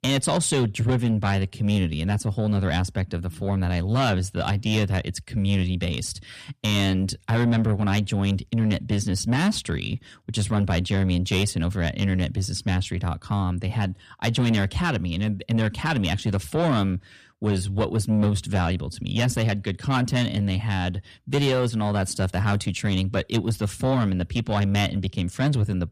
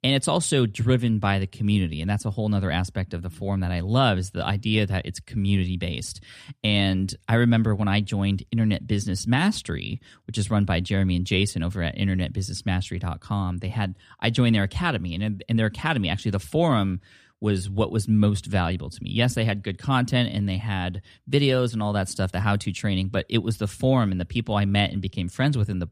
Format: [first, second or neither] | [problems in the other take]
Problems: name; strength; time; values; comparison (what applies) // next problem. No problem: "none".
second | distortion; slight; 10 dB below the speech